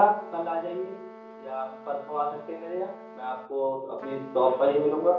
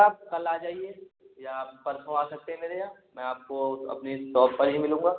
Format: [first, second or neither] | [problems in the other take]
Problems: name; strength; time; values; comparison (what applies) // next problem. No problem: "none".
second | background sound (Trumpet); 17 dB below the speech // room echo; dies away in 0.6 s